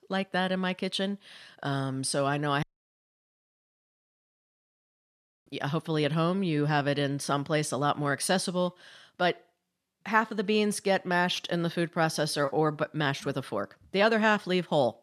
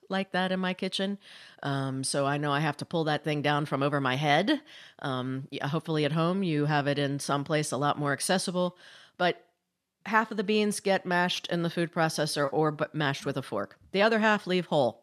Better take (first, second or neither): second